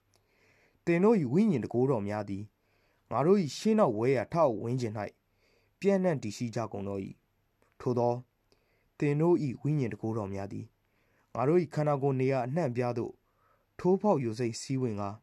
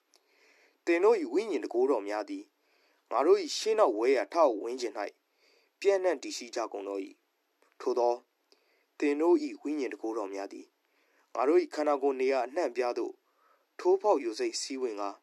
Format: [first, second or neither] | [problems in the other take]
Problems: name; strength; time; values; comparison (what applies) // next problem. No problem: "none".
first | thin; somewhat; fading below 300 Hz